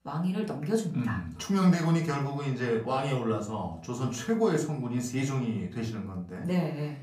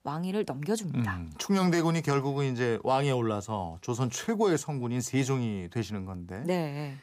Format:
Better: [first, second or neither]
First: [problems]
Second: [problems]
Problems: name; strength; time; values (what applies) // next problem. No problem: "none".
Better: second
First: off-mic speech; far // room echo; slight; dies away in 0.4 s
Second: none